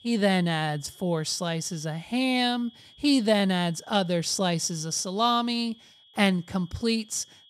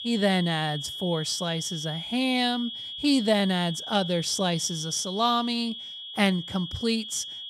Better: first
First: high-pitched whine; faint; throughout; 3.5 kHz, 25 dB below the speech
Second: high-pitched whine; loud; throughout; 3.5 kHz, 8 dB below the speech

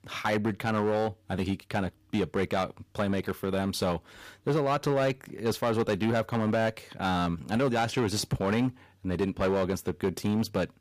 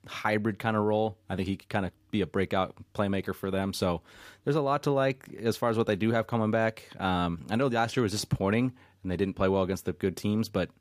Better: second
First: distortion; slight; 7% of the sound clipped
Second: none

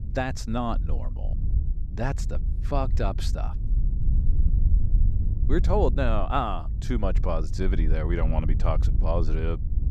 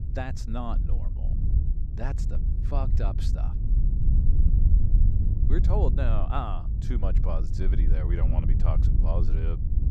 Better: first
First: wind noise on the microphone; occasional gusts; 15 dB below the speech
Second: wind noise on the microphone; heavy; 6 dB below the speech

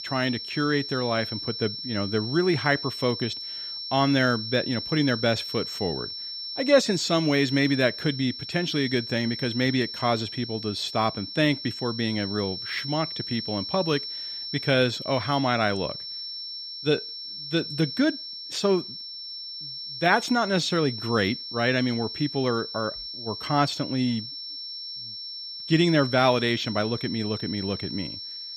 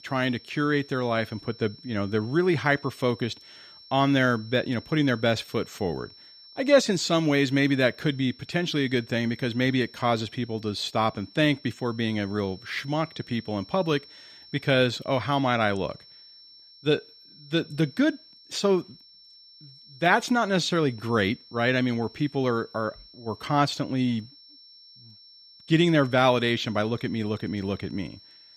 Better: second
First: high-pitched whine; loud; throughout; 5.5 kHz, 7 dB below the speech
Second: high-pitched whine; faint; throughout; 5.5 kHz, 20 dB below the speech

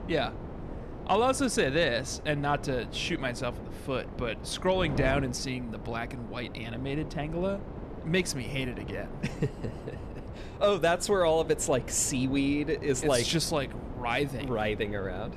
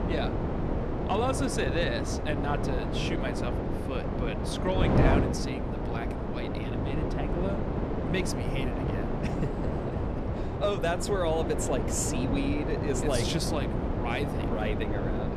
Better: first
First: wind noise on the microphone; occasional gusts; 15 dB below the speech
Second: wind noise on the microphone; heavy; 1 dB below the speech

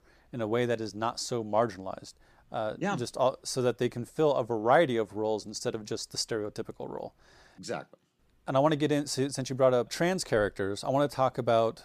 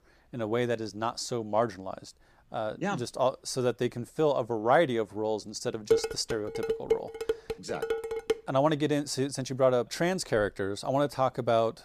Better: first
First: none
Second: clattering dishes; loud; from 6 to 8.5 s; peak 1 dB above the speech

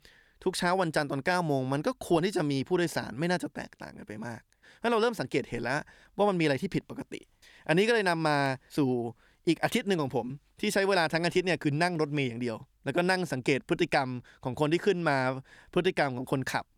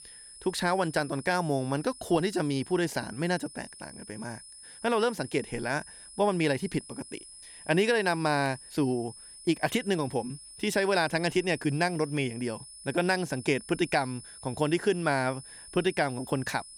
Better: first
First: none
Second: high-pitched whine; noticeable; throughout; 10 kHz, 15 dB below the speech

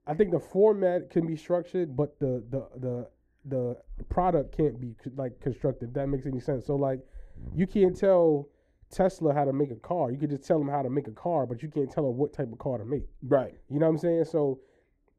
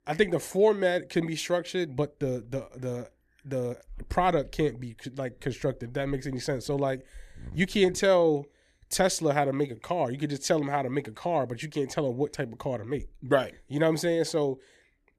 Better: second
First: muffled; very; fading above 1.5 kHz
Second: none

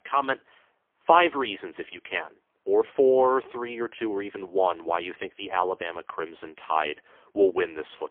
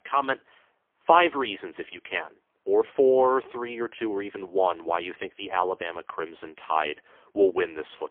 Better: neither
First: phone-call audio; poor line; nothing above 3.5 kHz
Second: phone-call audio; poor line; nothing above 3.5 kHz

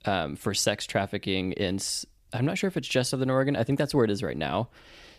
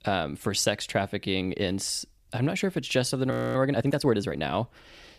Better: first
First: none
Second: audio freezing; at 3.5 s

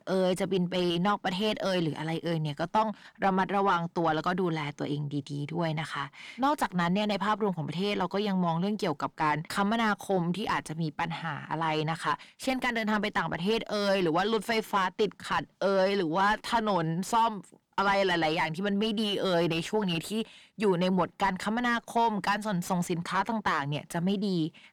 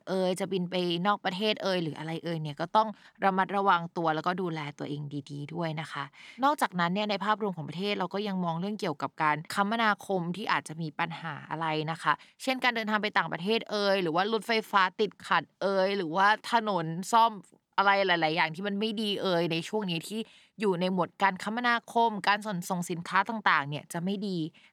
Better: second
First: distortion; heavy; 7 dB below the speech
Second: none

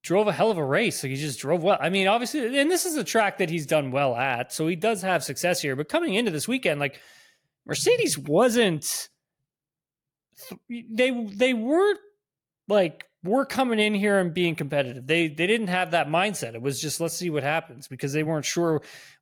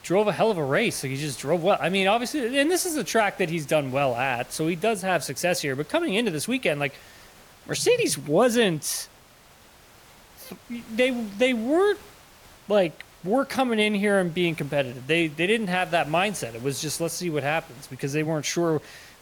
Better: first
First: none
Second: hiss; faint; throughout; 25 dB below the speech

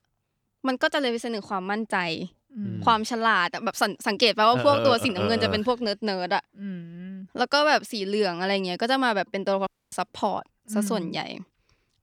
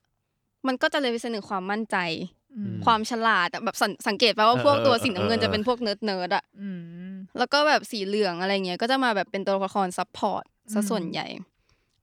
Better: second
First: audio cutting out; at 9.5 s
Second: none

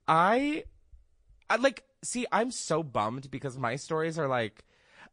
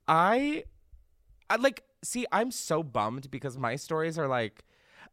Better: second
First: garbled, watery; slightly; nothing above 8 kHz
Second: none

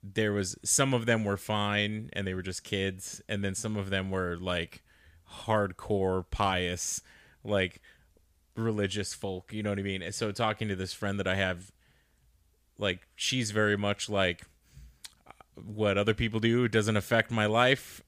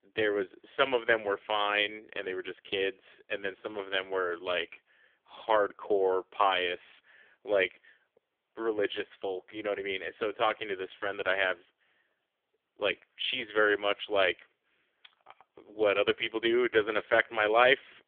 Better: first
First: none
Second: phone-call audio; poor line; nothing above 3.5 kHz

